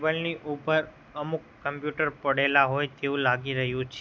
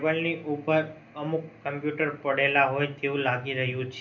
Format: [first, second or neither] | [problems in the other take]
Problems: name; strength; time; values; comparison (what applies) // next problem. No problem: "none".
first | room echo; dies away in 0.3 s